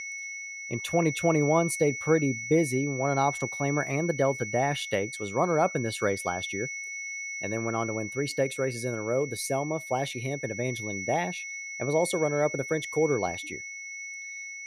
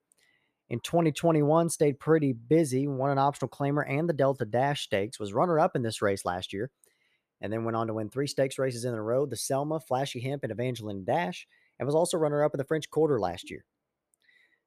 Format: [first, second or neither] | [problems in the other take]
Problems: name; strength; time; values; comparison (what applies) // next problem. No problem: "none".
second | high-pitched whine; loud; throughout; 2 kHz, 7 dB below the speech